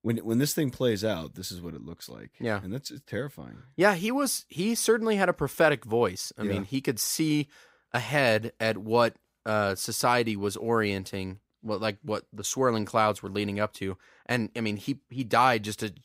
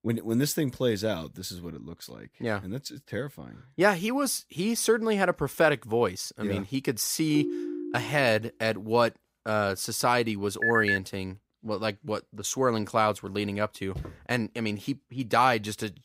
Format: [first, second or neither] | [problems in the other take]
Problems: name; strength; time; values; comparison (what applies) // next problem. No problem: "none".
first | phone ringing; noticeable; at 7.5 s; peak 4 dB below the speech // phone ringing; loud; at 11 s; peak 3 dB above the speech // footsteps; faint; at 14 s; peak 15 dB below the speech